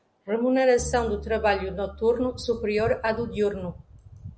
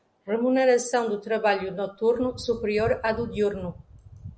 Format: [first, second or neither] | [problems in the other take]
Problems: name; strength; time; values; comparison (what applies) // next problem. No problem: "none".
second | background sound (Bowed string instrument); 15 dB below the speech